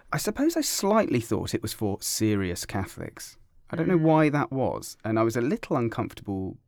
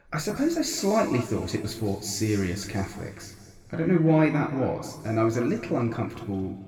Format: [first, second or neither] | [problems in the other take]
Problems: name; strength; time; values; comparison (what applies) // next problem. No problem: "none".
first | room echo; noticeable; dies away in 1.8 s // off-mic speech; somewhat distant